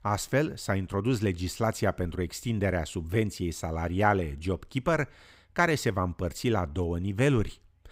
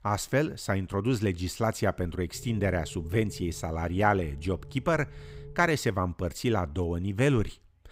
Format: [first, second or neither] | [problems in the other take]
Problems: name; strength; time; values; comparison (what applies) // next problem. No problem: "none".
first | low rumble; faint; from 2.5 to 5.5 s; 25 dB below the speech